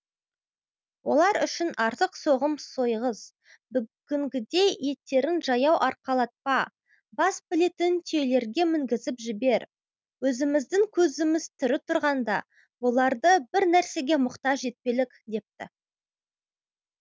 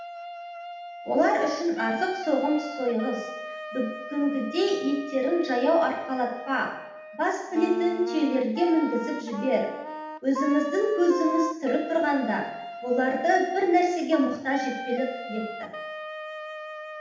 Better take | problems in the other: first | background sound (Wind instrument, woodwind instrument); 10 dB below the speech // room echo; dies away in 0.8 s

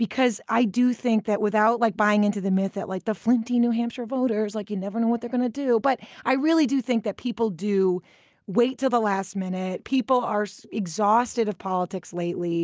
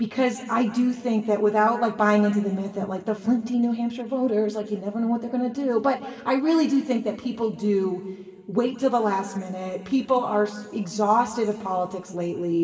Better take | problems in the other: first | room echo; dies away in 2.4 s

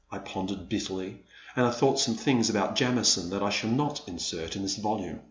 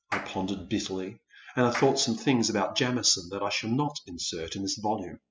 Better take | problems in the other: first | noise reduction (classical method spectral subtraction)

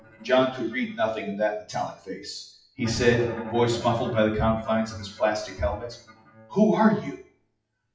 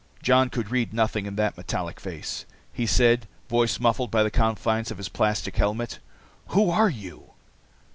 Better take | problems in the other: second | noise reduction (classical method WPE with log-MMSE)

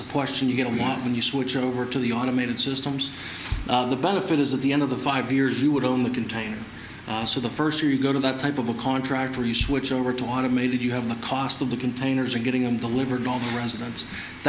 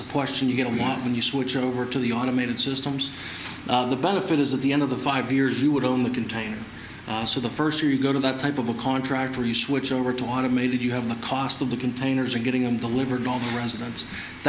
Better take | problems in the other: second | background sound (Bass drum); 13 dB below the speech

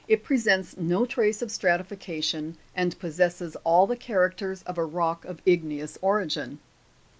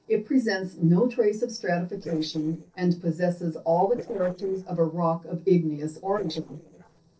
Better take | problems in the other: first | noise reduction (neural separator model SepFormer DNS4)

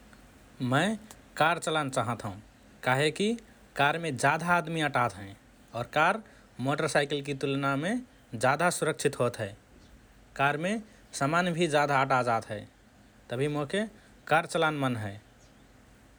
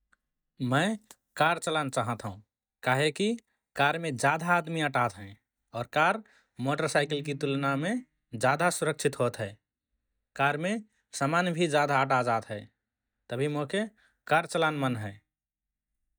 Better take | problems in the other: first | noise reduction (neural mask model DeepFilterNet 3)

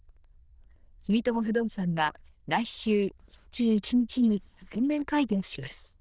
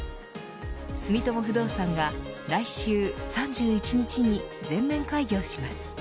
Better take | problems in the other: second | noise reduction (neural diffusion model UNIVERSE++)

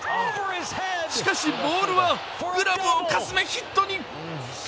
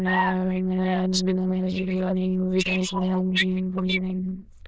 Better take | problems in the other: first | noise reduction (neural diffusion model UNIVERSE++)

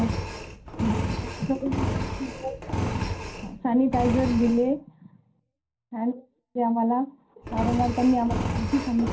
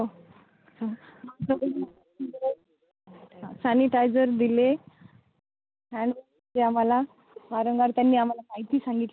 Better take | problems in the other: second | background sound (Engine); 4 dB below the speech // room echo; dies away in 0.3 s

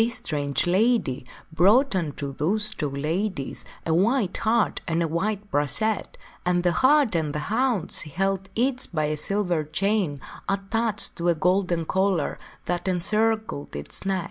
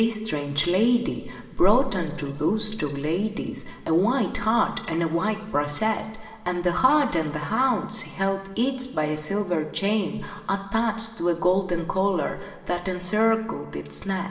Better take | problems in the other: first | room echo; dies away in 2.1 s

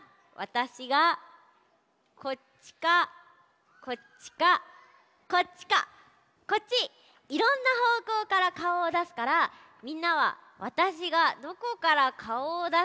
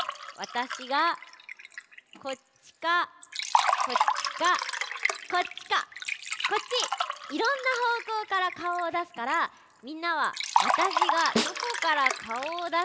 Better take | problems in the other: first | background sound (Liquid + Snare drum); 1 dB below the speech

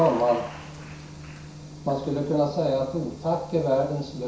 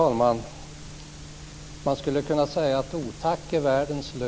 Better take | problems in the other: second | background sound (Applause / Crowd); 19 dB below the speech // room echo; dies away in 0.6 s

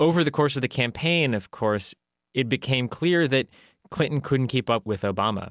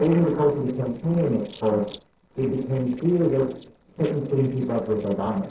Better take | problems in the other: first | noise reduction (neural separator model SepFormer DNS4)

